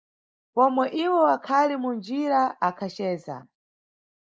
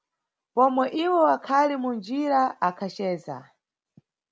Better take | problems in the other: second | noise reduction (neural mask model Resemble Enhance denoiser)

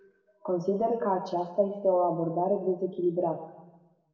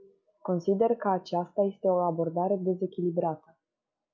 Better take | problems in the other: second | room echo; dies away in 1.1 s

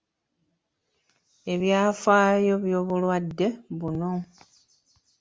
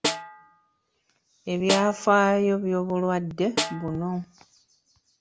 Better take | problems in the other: first | background sound (Snare drum); 8 dB below the speech

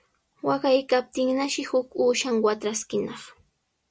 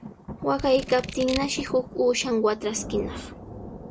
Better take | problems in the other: first | background sound (Scissors + Thunder); 12 dB below the speech

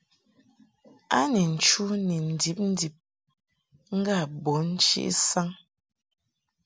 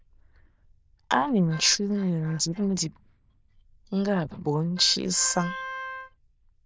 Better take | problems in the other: first | noise reduction (neural diffusion model UNIVERSE++)

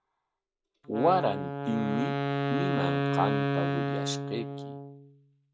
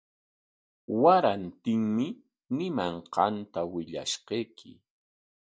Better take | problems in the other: second | background sound (Wind instrument, woodwind instrument); 1 dB above the speech

